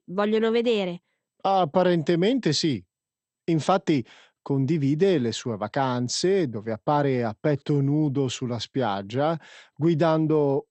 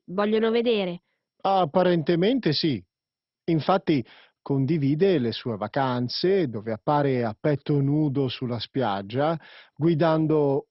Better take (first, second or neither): first